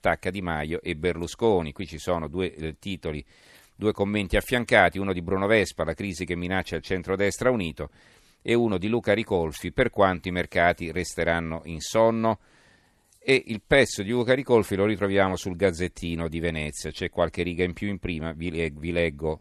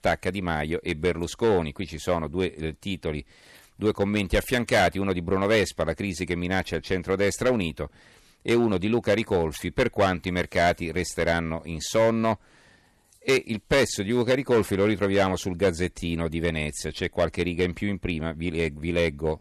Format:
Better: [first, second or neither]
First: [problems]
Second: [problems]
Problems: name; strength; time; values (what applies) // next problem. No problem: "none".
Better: first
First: none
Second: distortion; slight; 3% of the sound clipped